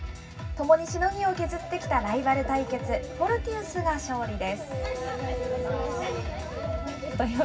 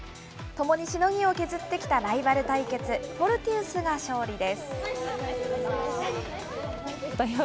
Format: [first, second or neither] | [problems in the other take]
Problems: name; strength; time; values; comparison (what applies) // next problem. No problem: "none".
second | room echo; dies away in 0.4 s